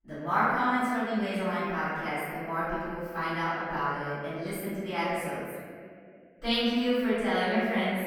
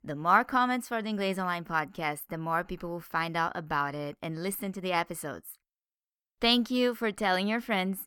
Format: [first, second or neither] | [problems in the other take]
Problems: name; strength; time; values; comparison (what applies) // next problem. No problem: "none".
second | off-mic speech; far // room echo; strong; dies away in 2 s